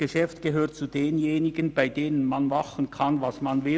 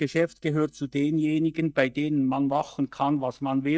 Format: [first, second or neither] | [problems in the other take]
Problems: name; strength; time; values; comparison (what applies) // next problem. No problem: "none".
first | noise reduction (neural mask model DeepFilterNet 3)